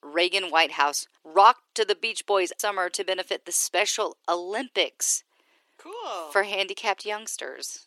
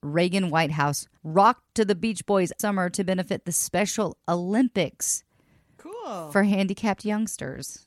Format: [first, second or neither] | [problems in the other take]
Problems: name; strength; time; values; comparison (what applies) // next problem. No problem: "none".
second | thin; very; fading below 350 Hz